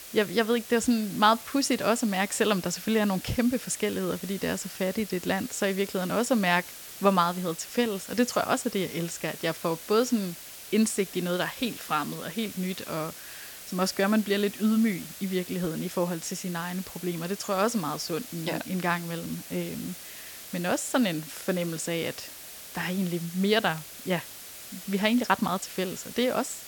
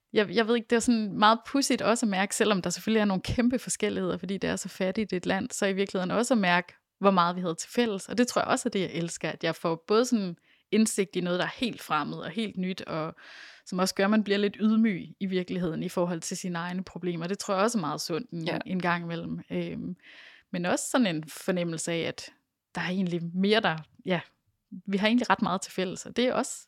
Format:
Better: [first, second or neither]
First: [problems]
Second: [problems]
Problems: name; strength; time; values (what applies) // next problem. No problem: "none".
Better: second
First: hiss; noticeable; throughout; 10 dB below the speech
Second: none